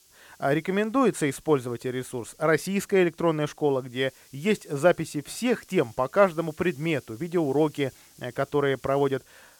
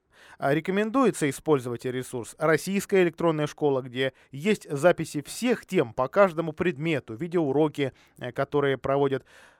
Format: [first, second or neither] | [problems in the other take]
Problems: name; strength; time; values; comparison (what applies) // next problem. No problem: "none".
second | hiss; faint; throughout; 25 dB below the speech